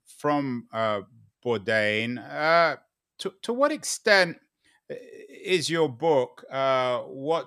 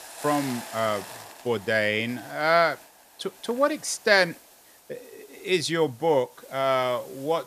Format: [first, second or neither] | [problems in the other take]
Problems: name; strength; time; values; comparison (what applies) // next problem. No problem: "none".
first | hiss; noticeable; throughout; 20 dB below the speech